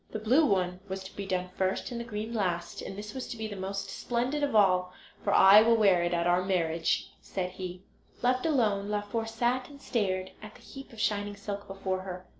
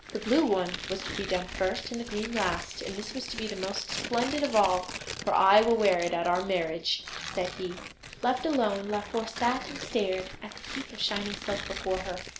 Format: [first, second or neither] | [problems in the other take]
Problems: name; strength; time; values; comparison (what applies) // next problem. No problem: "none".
first | background sound (Tearing); 10 dB below the speech